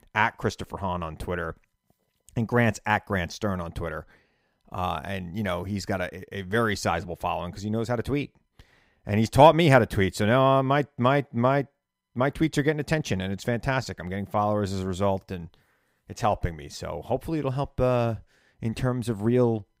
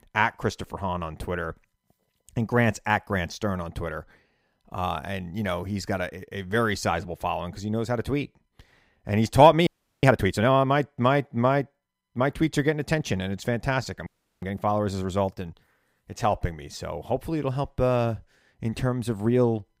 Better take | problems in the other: first | audio freezing; at 9.5 s and at 14 s

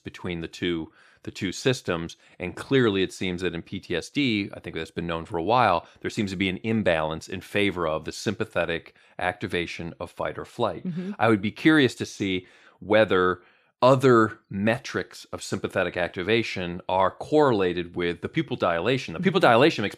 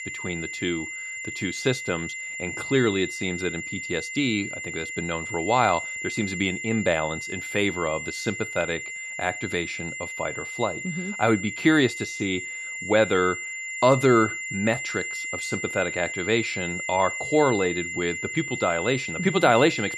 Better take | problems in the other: first | high-pitched whine; loud; throughout; 2 kHz, 6 dB below the speech

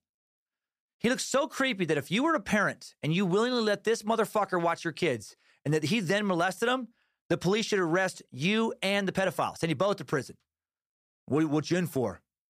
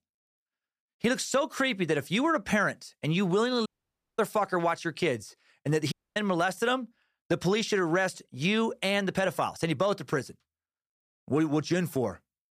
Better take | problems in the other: first | audio cutting out; at 3.5 s for 0.5 s and at 6 s

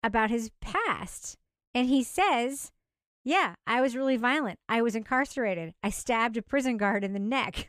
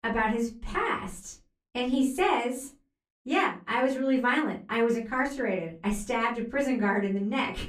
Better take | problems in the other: first | off-mic speech; far // room echo; very slight; dies away in 0.3 s

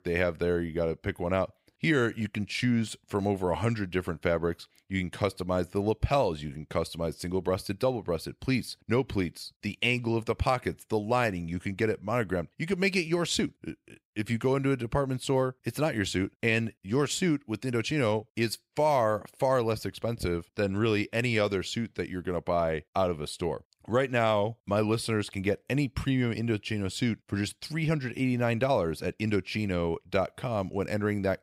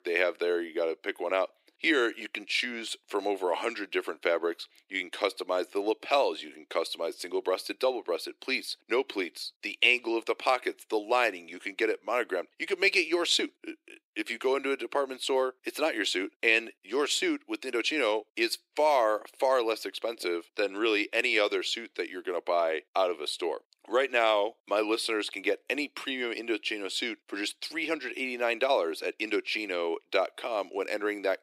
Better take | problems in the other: first | thin; very; fading below 300 Hz

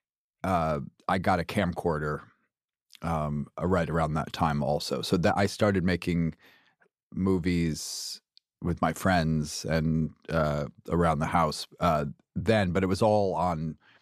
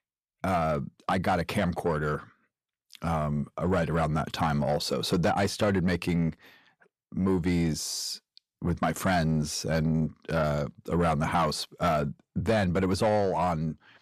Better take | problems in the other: first | distortion; slight; 10 dB below the speech

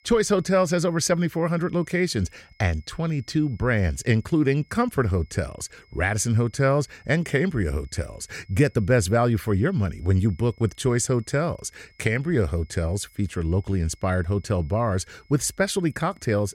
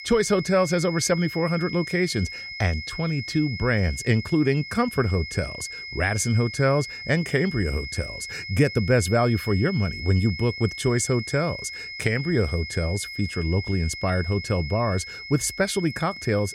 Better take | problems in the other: first | high-pitched whine; loud; throughout; 2 kHz, 9 dB below the speech; faint in the first

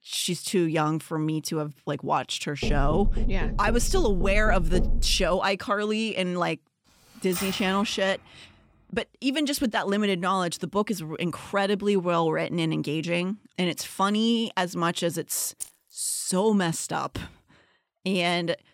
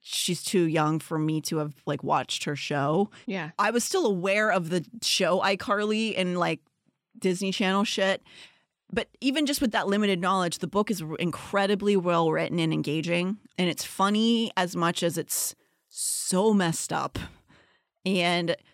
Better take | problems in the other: second | door banging; noticeable; from 2.5 to 5.5 s; peak 3 dB below the speech // keyboard typing; noticeable; at 7.5 s; peak 6 dB below the speech // jangling keys; faint; at 16 s; peak 10 dB below the speech

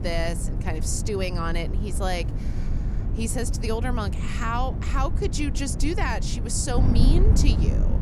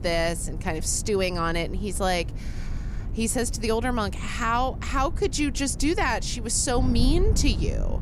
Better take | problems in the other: second | wind noise on the microphone; heavy; 9 dB below the speech; occasional gusts in the second

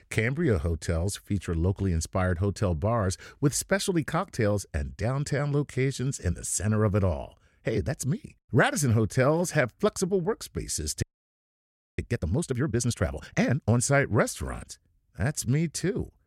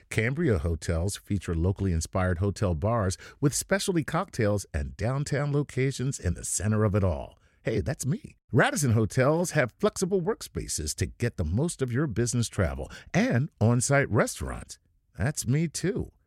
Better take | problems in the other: second | audio freezing; at 11 s for 1 s

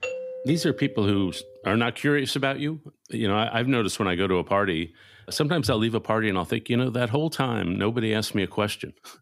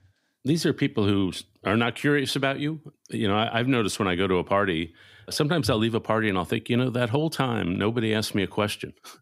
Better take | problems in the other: second | doorbell; noticeable; until 1.5 s; peak 7 dB below the speech

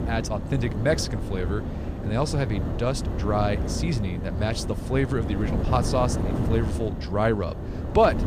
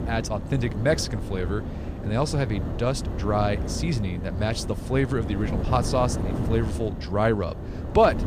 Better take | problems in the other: second | wind noise on the microphone; heavy; 8 dB below the speech; occasional gusts in the second

